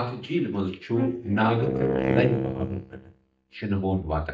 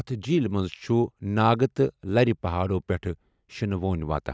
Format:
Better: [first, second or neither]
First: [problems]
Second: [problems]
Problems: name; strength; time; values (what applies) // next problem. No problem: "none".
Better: second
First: noise reduction (neural mask model DeepFilterNet 3)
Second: none